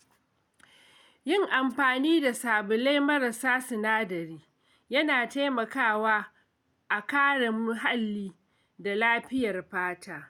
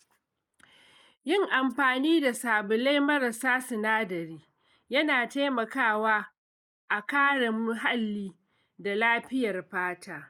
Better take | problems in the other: first | noise reduction (neural mask model Resemble Enhance denoiser)

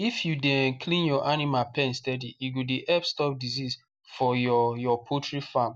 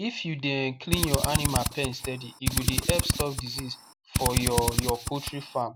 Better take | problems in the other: first | background sound (Drill); 2 dB above the speech

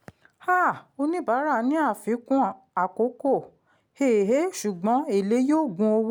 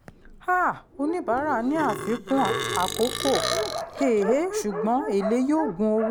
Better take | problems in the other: first | background sound (Burping, eructation + Dog); 6 dB below the speech

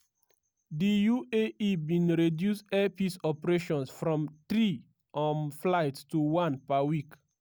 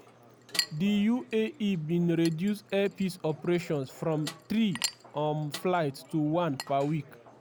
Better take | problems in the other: first | background sound (Chink, clink + Snare drum); 13 dB below the speech

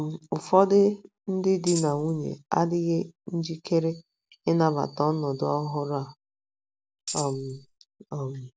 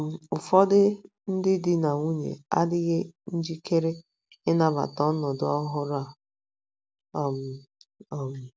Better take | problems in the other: second | background sound (Tambourine); 10 dB below the speech

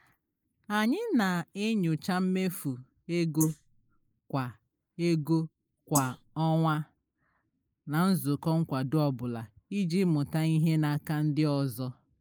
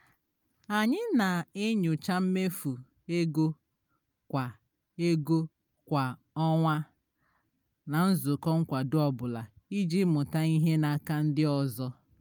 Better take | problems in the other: second | noise reduction (neural mask model Resemble Enhance denoiser)

